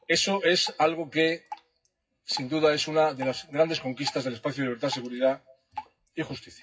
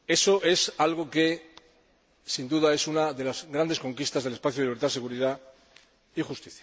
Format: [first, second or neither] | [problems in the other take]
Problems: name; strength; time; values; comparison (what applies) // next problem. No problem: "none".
second | noise reduction (classical method WPE with log-MMSE)